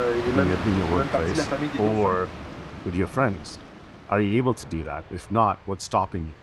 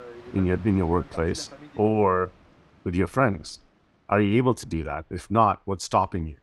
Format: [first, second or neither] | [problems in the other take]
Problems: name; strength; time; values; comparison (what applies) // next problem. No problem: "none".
second | train or aircraft noise; loud; throughout; 2 dB below the speech; faint in the second